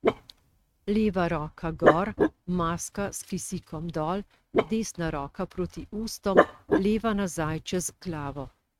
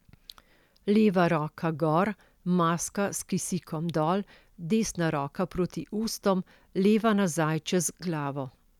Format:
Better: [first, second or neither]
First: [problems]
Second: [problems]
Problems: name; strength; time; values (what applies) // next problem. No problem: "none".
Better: second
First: noise reduction (neural mask model RNNoise)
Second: none